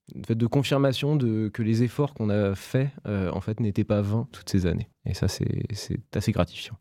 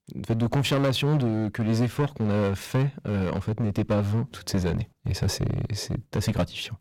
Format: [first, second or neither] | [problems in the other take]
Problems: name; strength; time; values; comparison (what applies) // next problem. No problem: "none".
first | distortion; heavy; 12% of the sound clipped